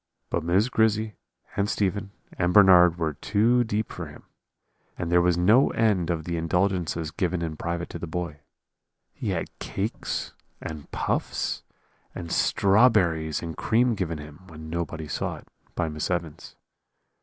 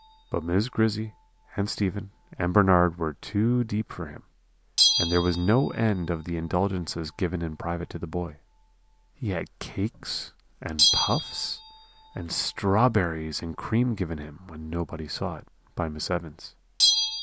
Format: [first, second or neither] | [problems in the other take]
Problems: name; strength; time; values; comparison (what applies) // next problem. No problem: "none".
first | background sound (Bell); 6 dB below the speech